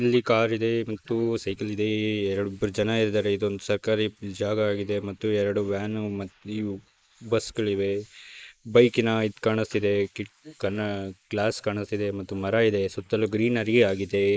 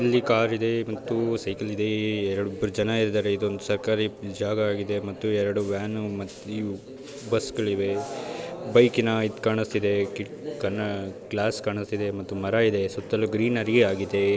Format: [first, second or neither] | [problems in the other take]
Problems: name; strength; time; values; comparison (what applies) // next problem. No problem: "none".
second | noise reduction (neural mask model Resemble Enhance denoiser)